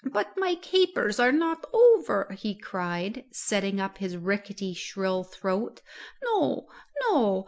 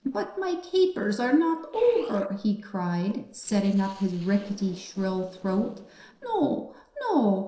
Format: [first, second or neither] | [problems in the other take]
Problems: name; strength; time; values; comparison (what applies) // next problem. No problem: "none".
first | noise reduction (neural separator model SepFormer DNS4)